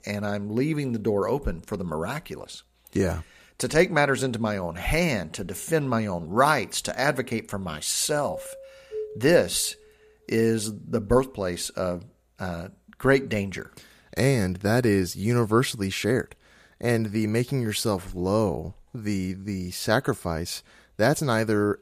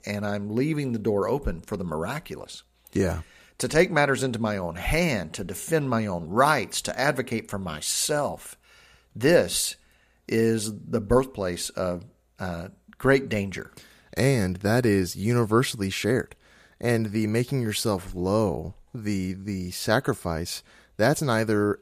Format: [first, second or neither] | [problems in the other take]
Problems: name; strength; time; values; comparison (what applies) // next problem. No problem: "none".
second | doorbell; noticeable; from 8 to 9.5 s; peak 10 dB below the speech